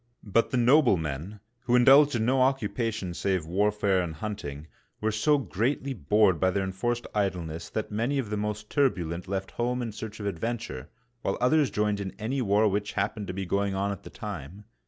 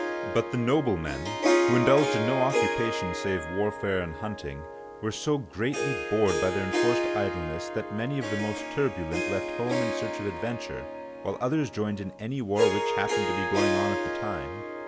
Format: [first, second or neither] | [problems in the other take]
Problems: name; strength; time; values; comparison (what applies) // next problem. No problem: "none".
first | background sound (Harp); as loud as the speech